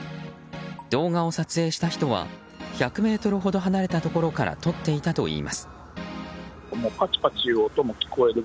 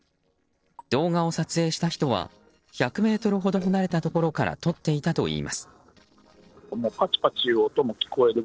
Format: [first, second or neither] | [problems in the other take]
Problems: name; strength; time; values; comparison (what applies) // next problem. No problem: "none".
first | noise reduction (neural separator model SepFormer DNS4)